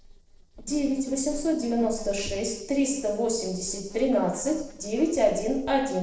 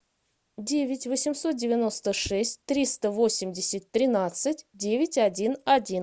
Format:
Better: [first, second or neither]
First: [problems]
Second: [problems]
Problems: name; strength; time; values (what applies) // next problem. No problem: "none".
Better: second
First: noise reduction (neural separator model SepFormer DNS4)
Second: none